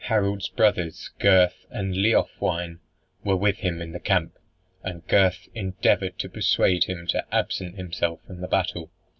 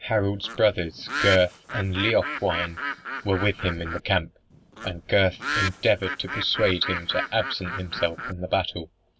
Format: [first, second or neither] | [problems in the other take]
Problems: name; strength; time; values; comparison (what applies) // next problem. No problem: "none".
first | background sound (Bird); 7 dB below the speech